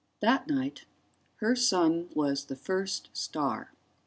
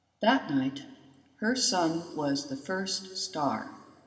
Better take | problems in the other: first | room echo; dies away in 1.5 s

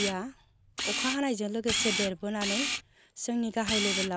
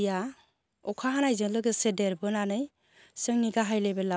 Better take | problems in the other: second | background sound (Camera); 2 dB below the speech

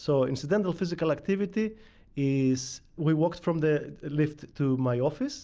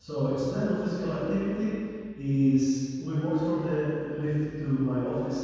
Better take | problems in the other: first | room echo; dies away in 2.1 s

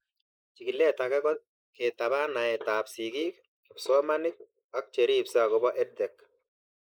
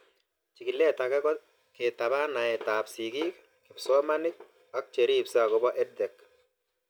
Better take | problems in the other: second | noise reduction (neural mask model Resemble Enhance denoiser)

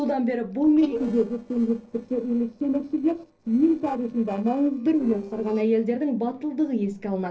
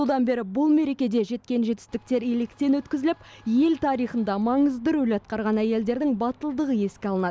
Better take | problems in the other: second | noise reduction (neural separator model SepFormer DNS4)

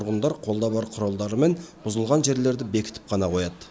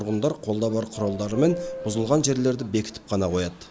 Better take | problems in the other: first | background sound (Subway, metro, underground / Doorbell); 10 dB below the speech

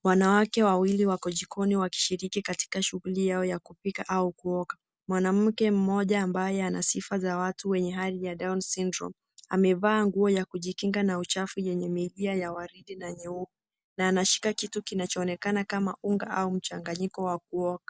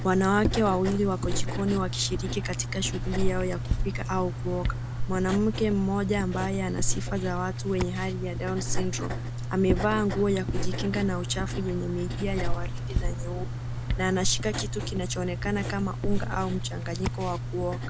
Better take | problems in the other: first | background sound (Writing); as loud as the speech

